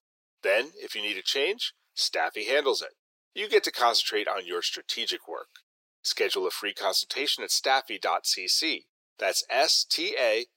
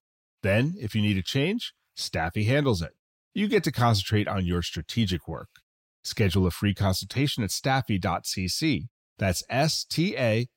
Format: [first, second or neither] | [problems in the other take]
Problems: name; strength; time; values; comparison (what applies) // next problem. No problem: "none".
second | thin; very; fading below 400 Hz